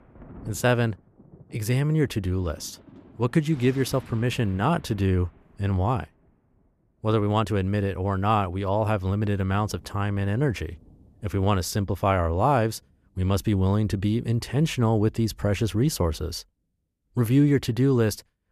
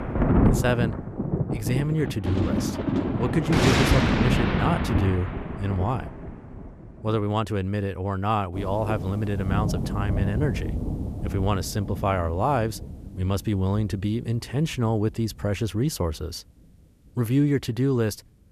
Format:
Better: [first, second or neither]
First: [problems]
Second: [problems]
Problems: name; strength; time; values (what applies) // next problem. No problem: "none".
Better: first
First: rain or running water; faint; throughout; 25 dB below the speech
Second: rain or running water; loud; throughout; as loud as the speech